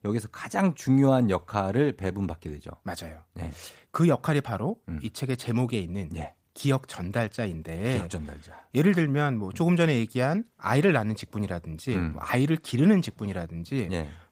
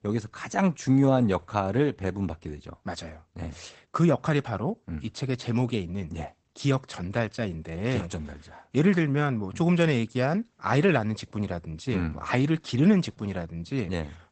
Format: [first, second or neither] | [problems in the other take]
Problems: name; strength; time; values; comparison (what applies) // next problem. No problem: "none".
first | garbled, watery; badly; nothing above 8 kHz; slightly in the first